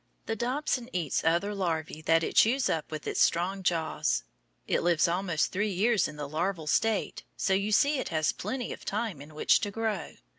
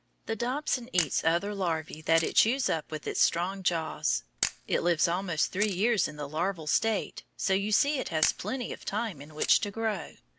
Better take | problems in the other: first | background sound (Camera); 10 dB below the speech

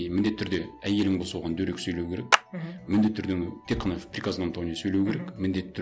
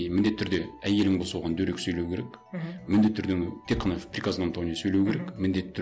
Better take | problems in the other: second | background sound (Clapping); 2 dB below the speech

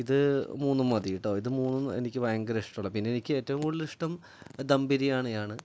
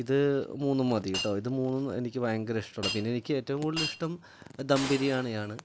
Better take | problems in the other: first | background sound (Shatter); 12 dB below the speech

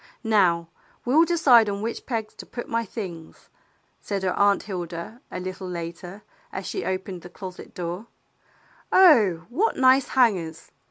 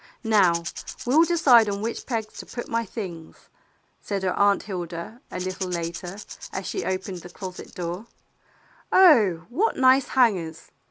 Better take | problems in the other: first | background sound (Rattle / Rattle (instrument)); 15 dB below the speech

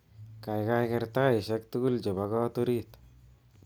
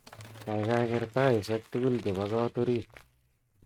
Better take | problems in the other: first | noise reduction (neural mask model RNNoise)

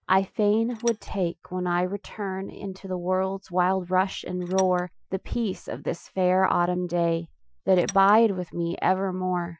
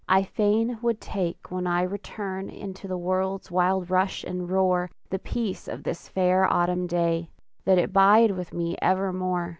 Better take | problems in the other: second | noise reduction (classical method Wiener filter)

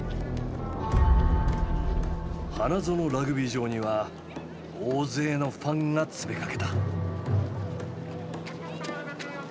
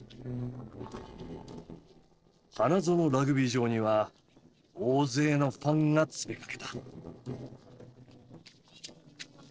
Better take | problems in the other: first | noise reduction (neural separator model SepFormer DNS4)

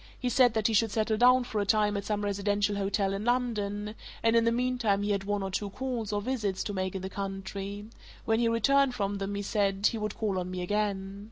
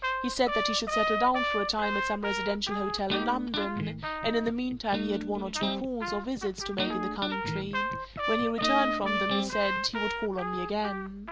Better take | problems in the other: first | background sound (Electric guitar + Trumpet); 1 dB below the speech

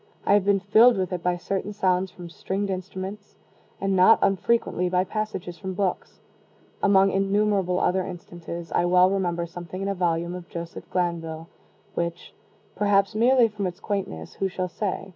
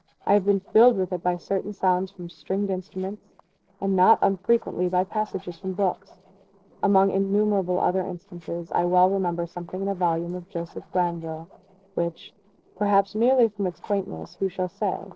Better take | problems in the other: first | noise reduction (neural separator model SepFormer DNS4)

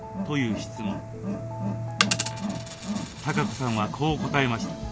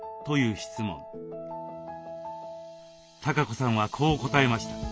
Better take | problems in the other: second | background sound (Wild animals + Coin (dropping)); 1 dB below the speech

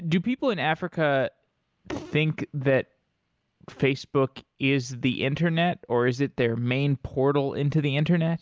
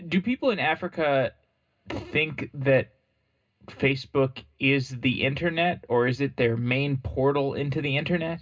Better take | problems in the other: first | room echo; dies away in 0.2 s

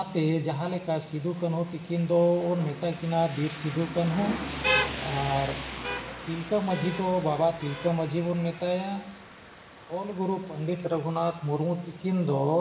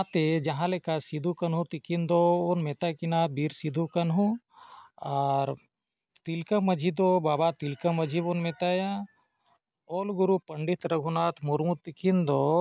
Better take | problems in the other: second | background sound (Rain); 9 dB below the speech // room echo; dies away in 0.9 s

